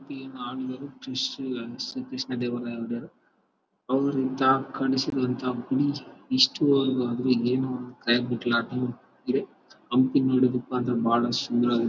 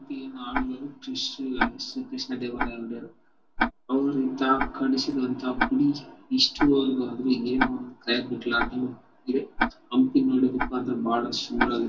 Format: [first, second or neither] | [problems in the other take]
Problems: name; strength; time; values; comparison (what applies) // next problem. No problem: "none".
first | background sound (Tick-tock); 7 dB below the speech // room echo; dies away in 0.2 s